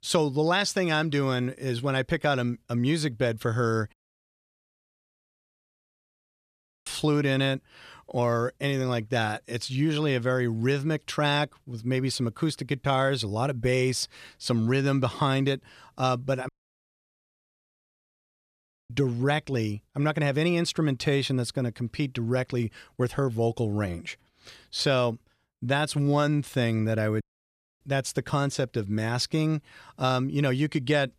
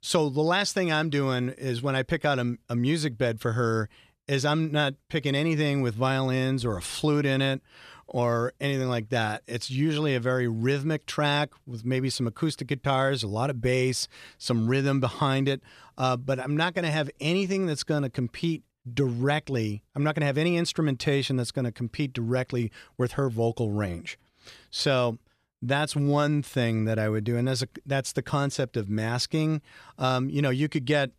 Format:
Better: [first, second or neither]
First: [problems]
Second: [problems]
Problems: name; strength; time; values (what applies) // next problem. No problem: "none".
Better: second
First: audio cutting out; at 4 s for 3 s, at 16 s for 2.5 s and at 27 s for 0.5 s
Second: none